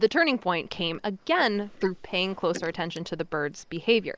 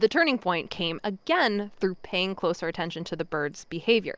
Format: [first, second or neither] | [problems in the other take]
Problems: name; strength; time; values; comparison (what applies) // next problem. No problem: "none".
second | noise reduction (neural mask model Resemble Enhance denoiser)